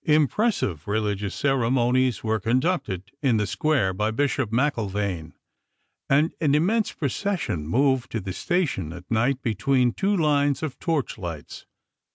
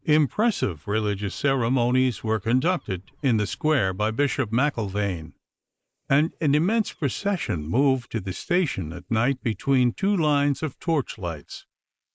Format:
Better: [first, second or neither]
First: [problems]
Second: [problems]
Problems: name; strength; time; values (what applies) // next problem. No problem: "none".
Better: first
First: none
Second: noise reduction (neural mask model Resemble Enhance denoiser)